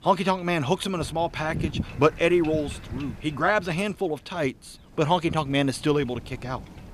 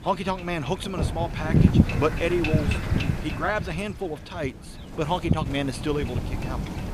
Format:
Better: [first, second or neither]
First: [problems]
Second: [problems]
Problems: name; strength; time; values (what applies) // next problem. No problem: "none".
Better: first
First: wind noise on the microphone; occasional gusts; 20 dB below the speech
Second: wind noise on the microphone; heavy; 4 dB below the speech